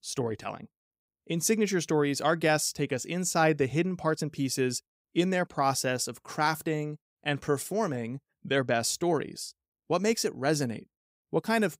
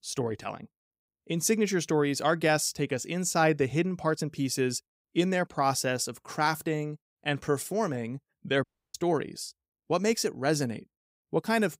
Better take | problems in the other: first | audio cutting out; at 8.5 s

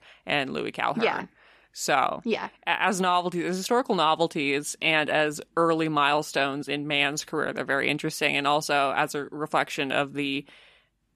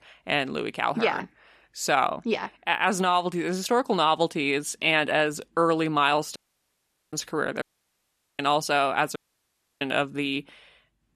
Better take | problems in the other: first | audio cutting out; at 6.5 s for 1 s, at 7.5 s for 1 s and at 9 s for 0.5 s

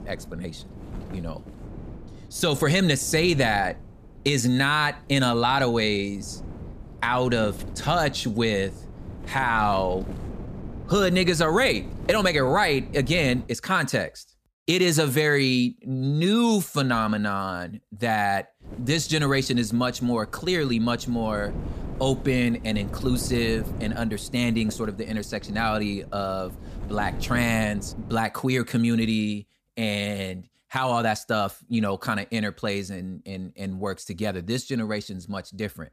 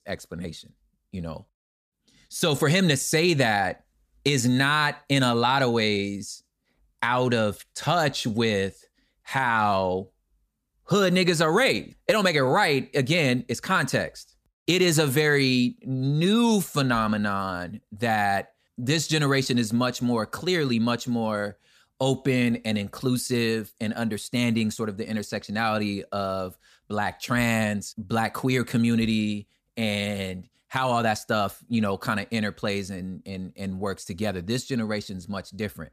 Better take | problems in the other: second | wind noise on the microphone; occasional gusts; until 13 s and from 19 to 28 s; 20 dB below the speech

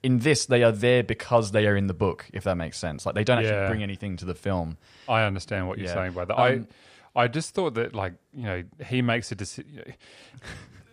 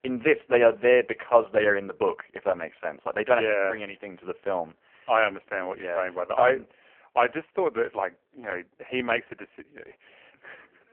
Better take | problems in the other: first | phone-call audio; poor line; nothing above 3 kHz

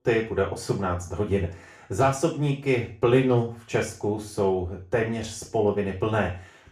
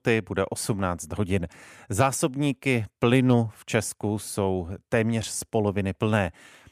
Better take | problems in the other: second | room echo; slight; dies away in 0.4 s // off-mic speech; far

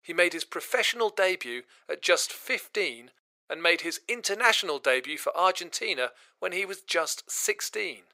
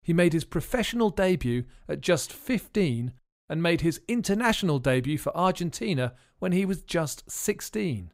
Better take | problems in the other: second | thin; very; fading below 450 Hz

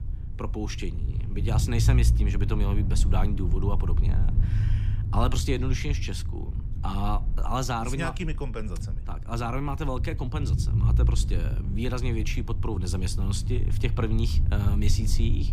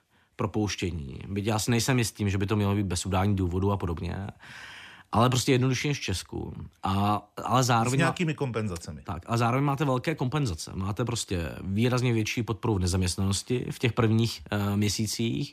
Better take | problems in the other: second | low rumble; loud; throughout; 9 dB below the speech

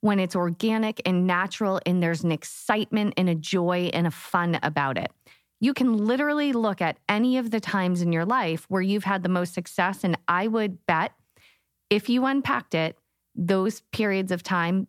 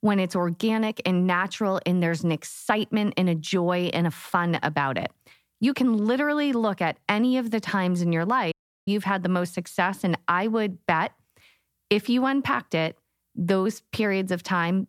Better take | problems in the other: first | audio cutting out; at 8.5 s

